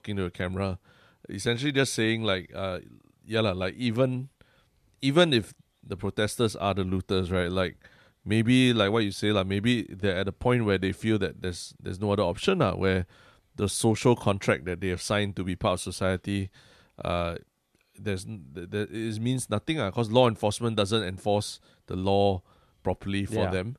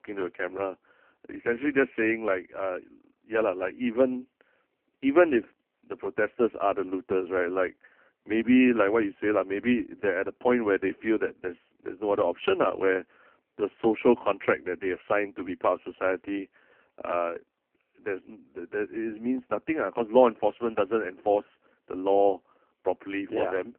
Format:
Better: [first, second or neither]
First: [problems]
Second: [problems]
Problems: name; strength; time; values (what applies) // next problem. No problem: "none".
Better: first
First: none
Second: phone-call audio; poor line; nothing above 3 kHz